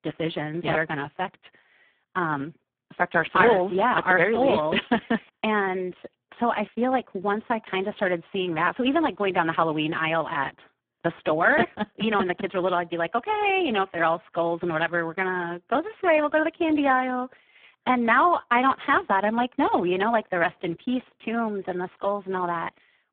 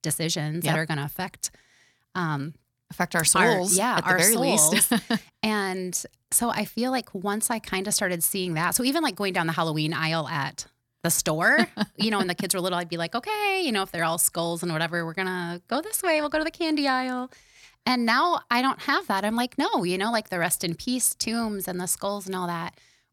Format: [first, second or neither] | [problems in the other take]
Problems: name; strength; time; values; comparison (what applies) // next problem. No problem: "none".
second | phone-call audio; poor line